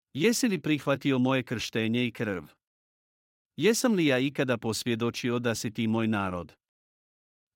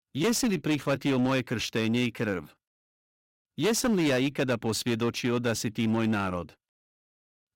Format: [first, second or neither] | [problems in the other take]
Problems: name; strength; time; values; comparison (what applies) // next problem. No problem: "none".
first | distortion; slight; 11% of the sound clipped